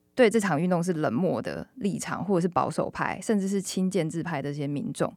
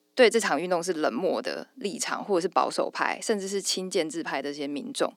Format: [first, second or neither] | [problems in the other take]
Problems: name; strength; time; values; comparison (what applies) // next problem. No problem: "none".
first | thin; somewhat; fading below 250 Hz